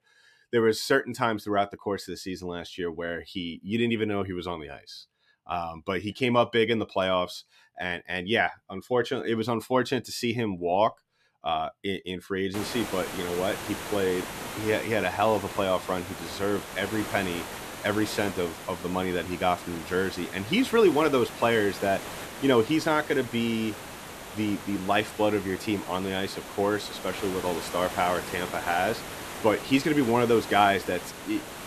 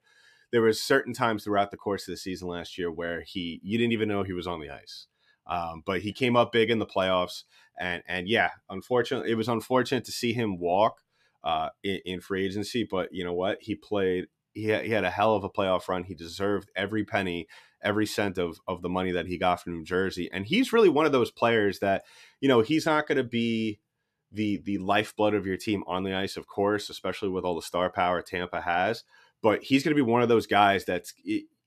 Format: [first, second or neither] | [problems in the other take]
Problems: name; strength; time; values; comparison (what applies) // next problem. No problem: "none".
second | hiss; loud; from 13 s on; 10 dB below the speech